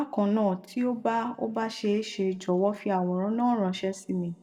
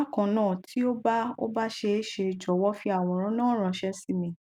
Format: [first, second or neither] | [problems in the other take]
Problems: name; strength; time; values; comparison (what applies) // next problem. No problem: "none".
second | room echo; dies away in 1.5 s